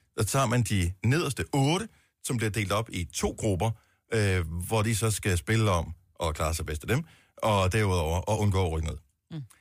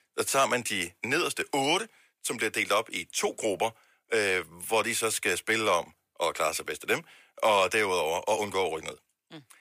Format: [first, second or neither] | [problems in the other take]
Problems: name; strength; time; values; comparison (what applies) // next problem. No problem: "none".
first | thin; very; fading below 450 Hz